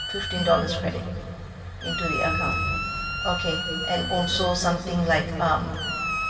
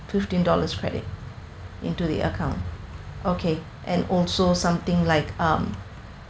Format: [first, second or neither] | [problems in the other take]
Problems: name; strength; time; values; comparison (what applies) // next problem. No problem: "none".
second | background sound (Squeak); 5 dB below the speech // room echo; dies away in 2.5 s